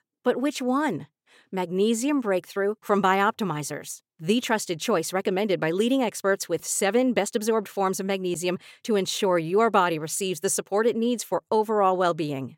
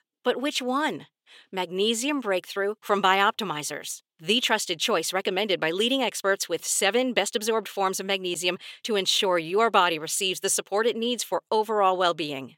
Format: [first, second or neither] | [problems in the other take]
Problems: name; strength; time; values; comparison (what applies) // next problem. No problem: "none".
first | thin; very slightly; fading below 850 Hz